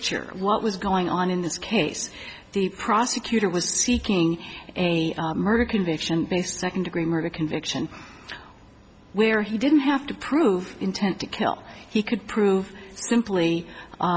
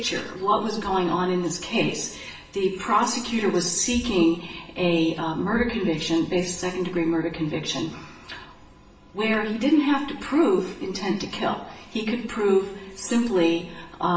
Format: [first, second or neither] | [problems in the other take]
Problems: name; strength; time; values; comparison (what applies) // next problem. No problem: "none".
first | room echo; dies away in 0.7 s